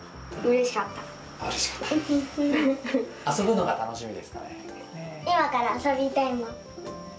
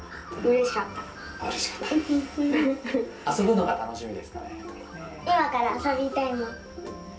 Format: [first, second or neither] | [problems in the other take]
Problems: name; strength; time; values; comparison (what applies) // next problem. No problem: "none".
first | background sound (Bird); 17 dB below the speech // room echo; dies away in 0.3 s